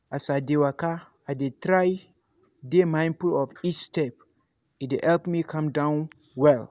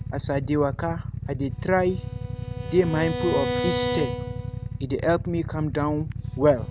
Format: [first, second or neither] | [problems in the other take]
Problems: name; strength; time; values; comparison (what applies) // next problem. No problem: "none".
first | background sound (Idling / Motorcycle + Bowed string instrument); 4 dB below the speech